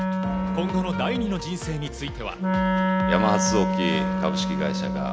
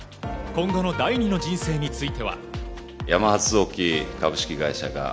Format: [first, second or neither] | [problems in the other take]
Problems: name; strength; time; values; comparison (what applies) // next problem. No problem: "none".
second | background sound (Wind instrument, woodwind instrument); 3 dB above the speech